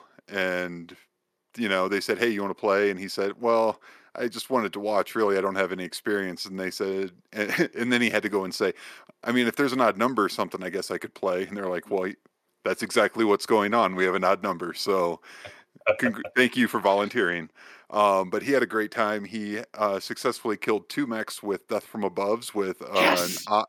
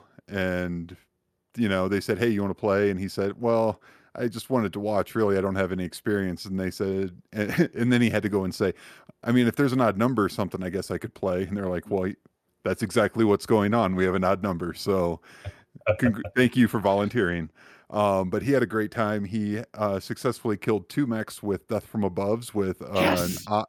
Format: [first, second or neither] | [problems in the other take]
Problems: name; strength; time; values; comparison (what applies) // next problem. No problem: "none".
second | thin; very slightly; fading below 300 Hz